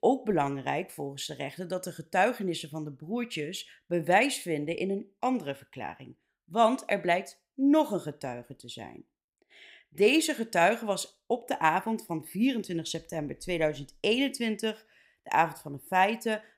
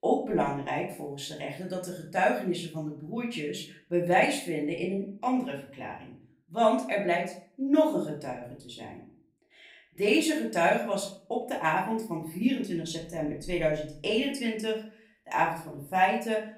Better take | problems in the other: first | off-mic speech; far // room echo; slight; dies away in 0.4 s

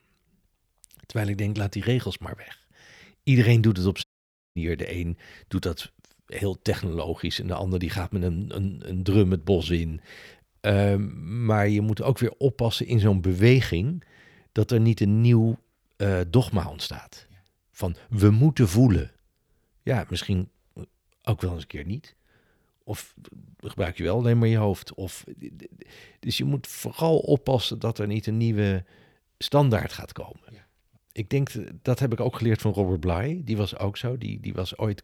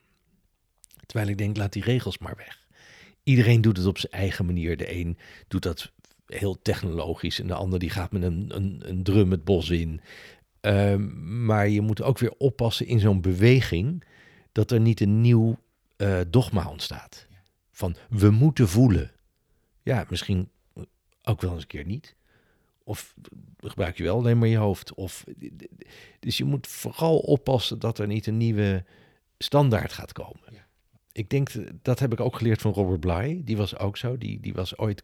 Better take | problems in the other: second | audio cutting out; at 4 s for 0.5 s

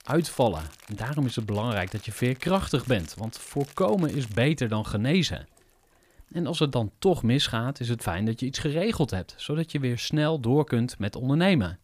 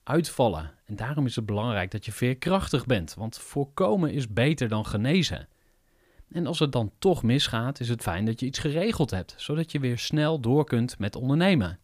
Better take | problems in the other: second | household noises; faint; throughout; 20 dB below the speech

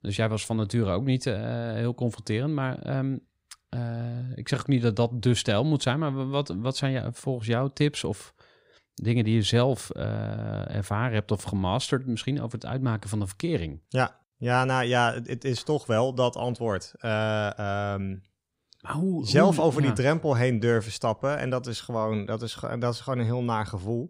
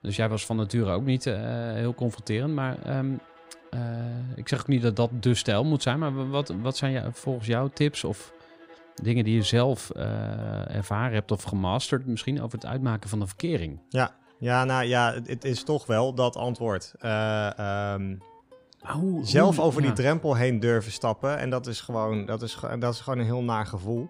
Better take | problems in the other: first | background music; faint; throughout; 25 dB below the speech

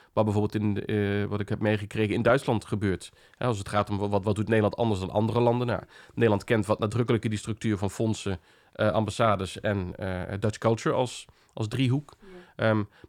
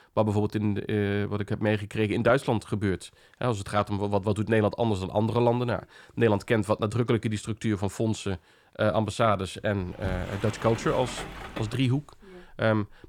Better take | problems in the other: first | door banging; noticeable; from 10 s on; peak 9 dB below the speech

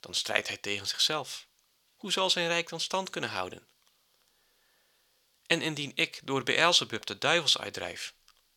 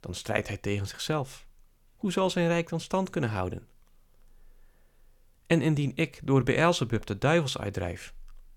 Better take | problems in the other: second | thin; somewhat; fading below 1 kHz

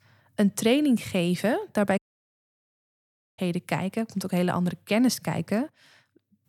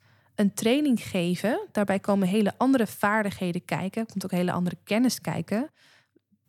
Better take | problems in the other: second | audio cutting out; at 2 s for 1.5 s

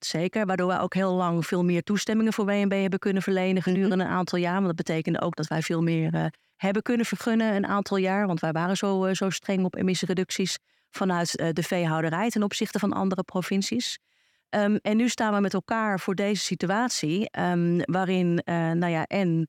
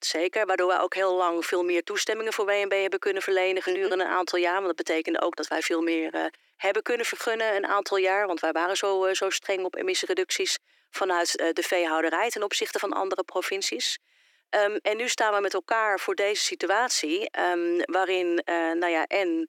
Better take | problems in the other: first | thin; very; fading below 300 Hz

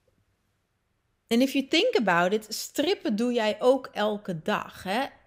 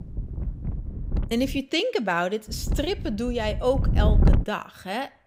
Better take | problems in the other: first | wind noise on the microphone; occasional gusts; until 1.5 s and from 2.5 to 4.5 s; 10 dB below the speech

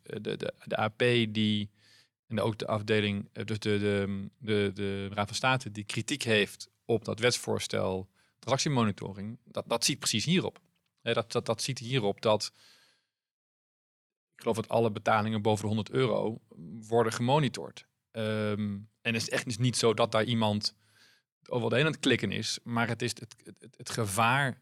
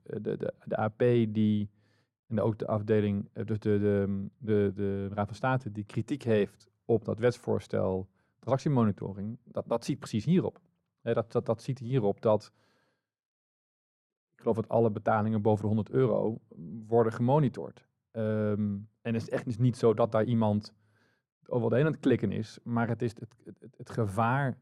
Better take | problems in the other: first | muffled; very; fading above 1 kHz

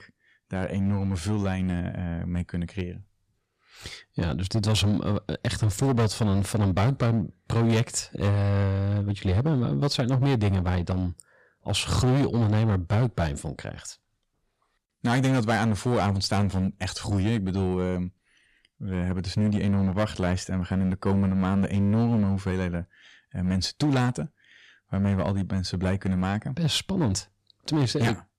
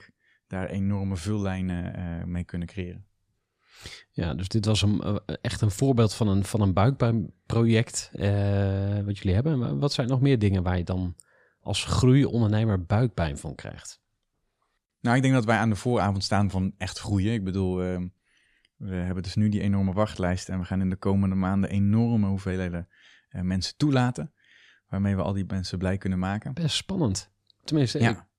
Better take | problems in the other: second | distortion; slight; 10% of the sound clipped

